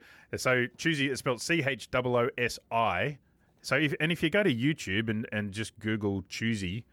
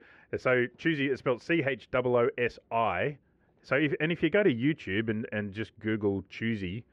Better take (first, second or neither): first